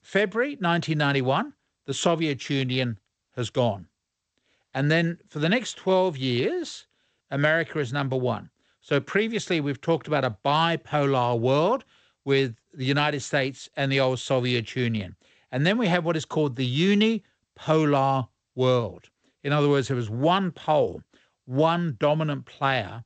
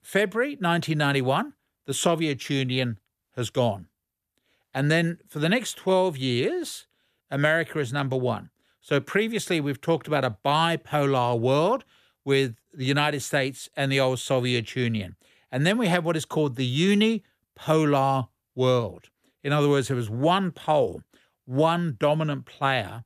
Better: second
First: garbled, watery; slightly; nothing above 8 kHz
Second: none

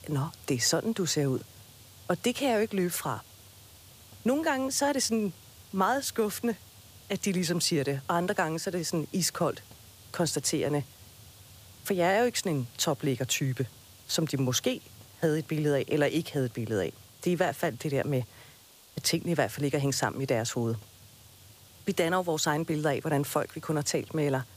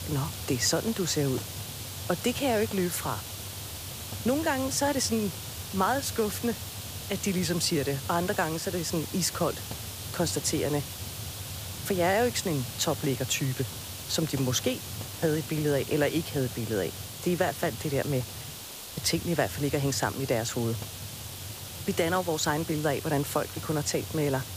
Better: first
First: hiss; faint; throughout; 20 dB below the speech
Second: hiss; loud; throughout; 8 dB below the speech

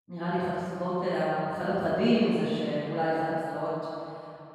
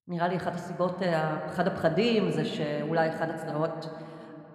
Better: second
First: room echo; strong; dies away in 2.4 s // off-mic speech; far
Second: room echo; slight; dies away in 2.7 s

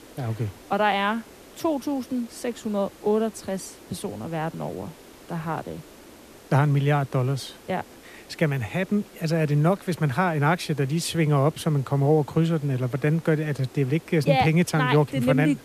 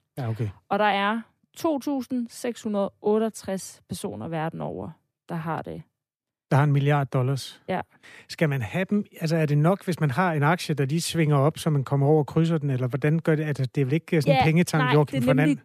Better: second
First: hiss; faint; throughout; 25 dB below the speech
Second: none

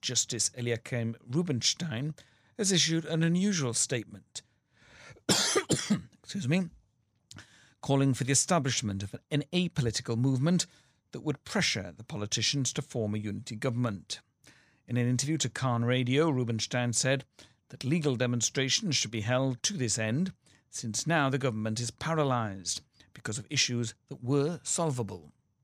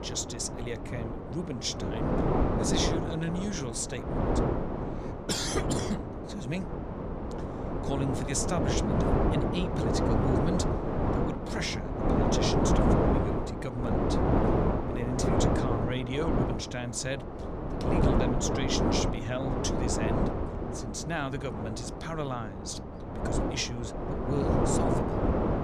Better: first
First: none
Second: wind noise on the microphone; heavy; 4 dB above the speech

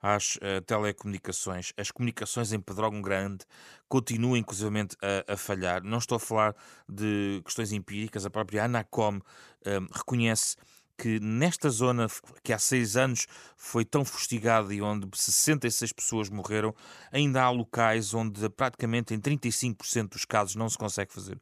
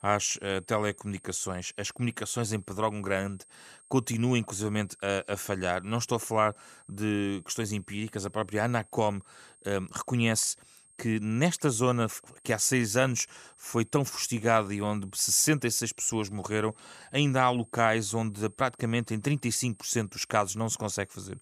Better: first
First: none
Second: high-pitched whine; faint; throughout; 8.5 kHz, 25 dB below the speech

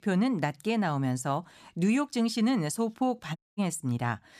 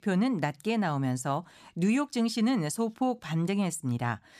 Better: second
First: audio cutting out; at 3.5 s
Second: none

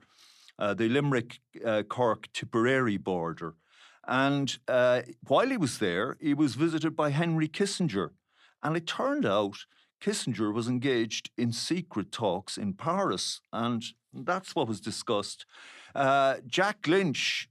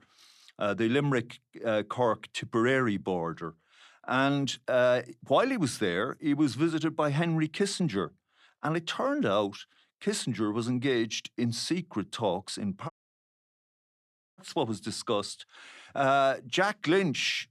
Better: first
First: none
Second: audio cutting out; at 13 s for 1.5 s

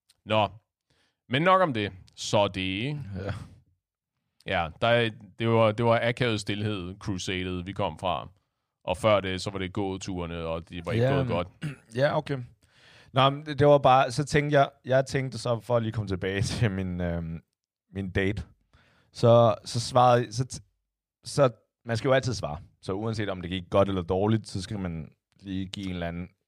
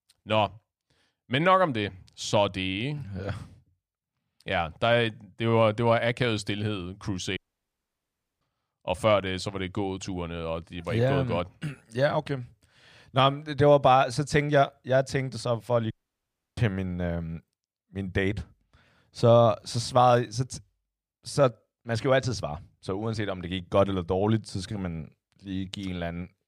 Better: first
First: none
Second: audio cutting out; at 7.5 s for 1 s and at 16 s for 0.5 s

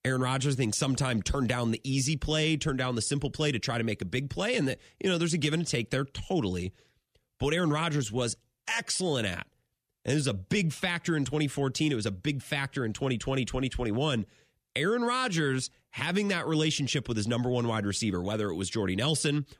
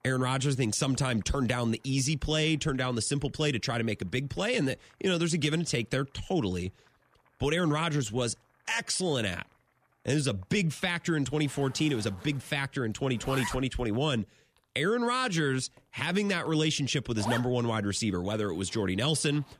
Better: first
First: none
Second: household noises; noticeable; throughout; 15 dB below the speech

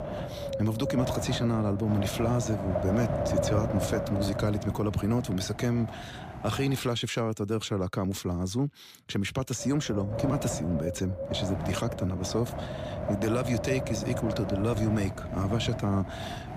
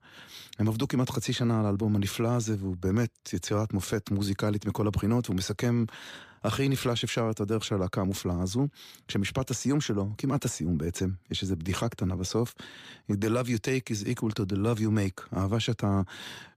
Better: second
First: wind noise on the microphone; heavy; until 7 s and from 9.5 s on; 2 dB below the speech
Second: none

